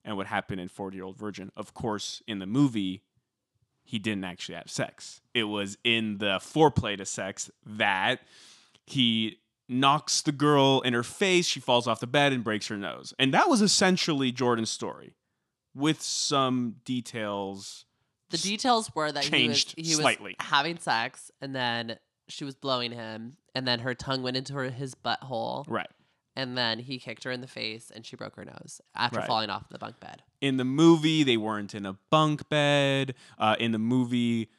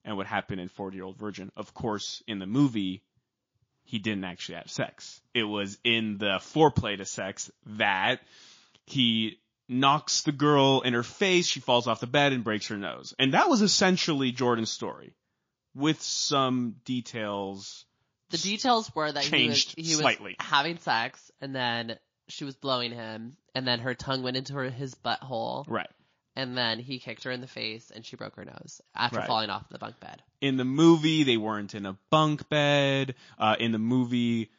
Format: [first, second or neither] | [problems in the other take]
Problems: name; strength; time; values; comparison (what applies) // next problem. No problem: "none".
first | garbled, watery; slightly; nothing above 6 kHz